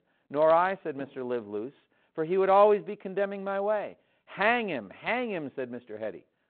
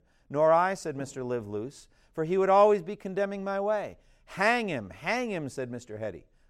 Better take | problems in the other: second | phone-call audio; nothing above 4 kHz

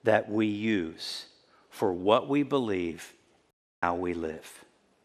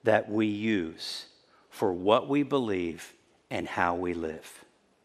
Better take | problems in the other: second | audio cutting out; at 3.5 s

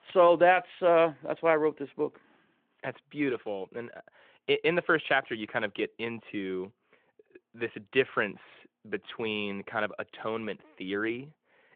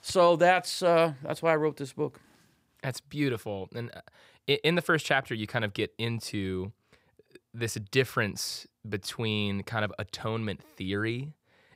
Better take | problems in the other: second | phone-call audio

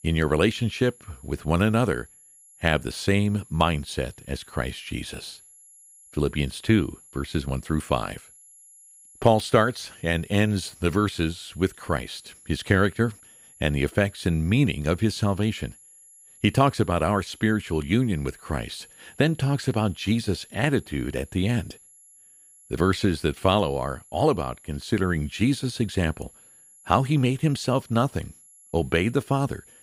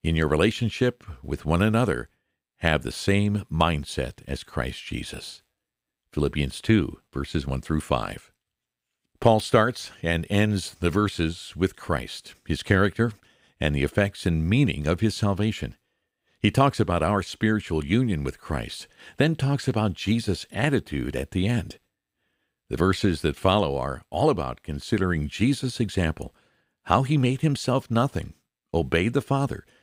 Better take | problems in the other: second | high-pitched whine; faint; throughout; 11 kHz, 25 dB below the speech

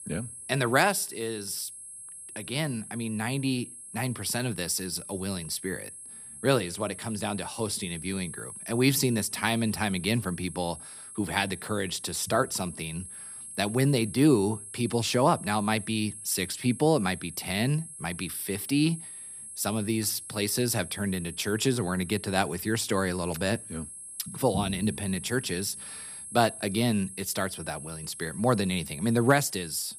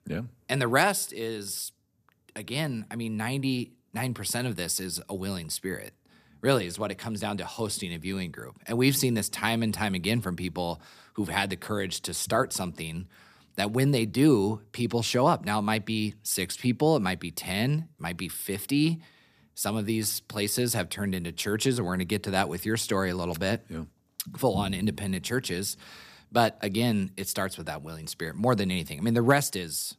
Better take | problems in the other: second | high-pitched whine; noticeable; throughout; 10.5 kHz, 10 dB below the speech

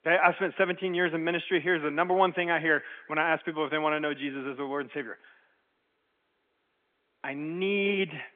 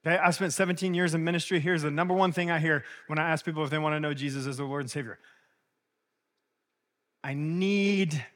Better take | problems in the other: second | phone-call audio; nothing above 3.5 kHz

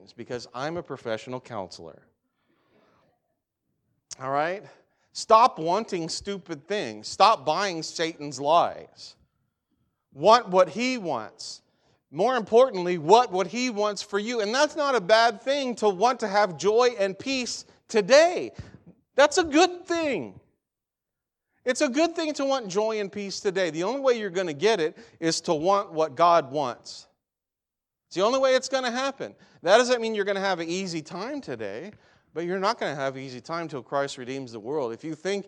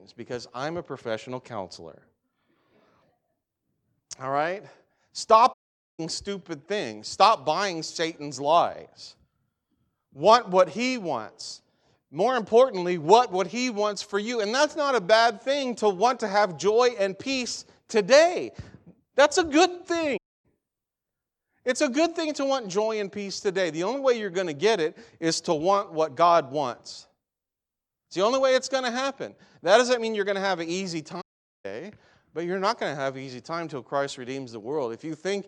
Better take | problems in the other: first | audio cutting out; at 5.5 s, at 20 s and at 31 s

